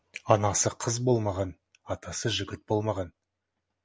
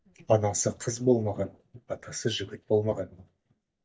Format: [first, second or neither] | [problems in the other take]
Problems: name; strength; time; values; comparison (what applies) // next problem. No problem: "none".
first | noise reduction (neural mask model DeepFilterNet 3)